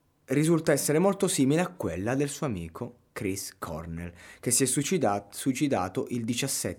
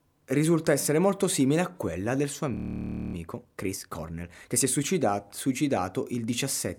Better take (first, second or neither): first